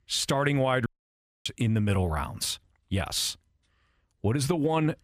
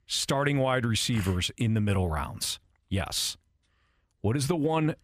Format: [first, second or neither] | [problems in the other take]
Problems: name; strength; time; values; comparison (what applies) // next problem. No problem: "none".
second | audio cutting out; at 1 s for 0.5 s